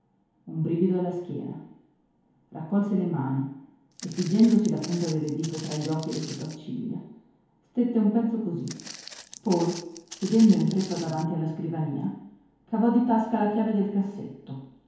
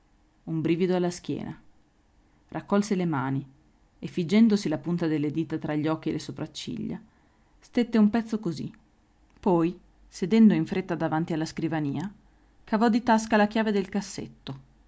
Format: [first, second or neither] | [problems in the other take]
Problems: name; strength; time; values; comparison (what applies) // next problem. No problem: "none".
second | background sound (Walk, footsteps); 16 dB below the speech // room echo; dies away in 1 s